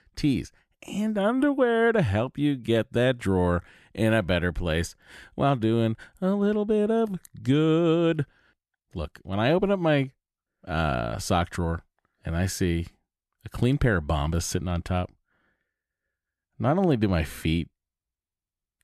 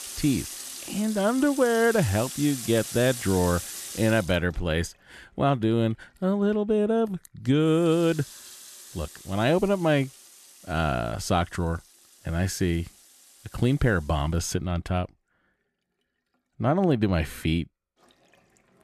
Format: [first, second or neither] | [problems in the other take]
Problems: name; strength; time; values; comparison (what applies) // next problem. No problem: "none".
first | household noises; noticeable; throughout; 10 dB below the speech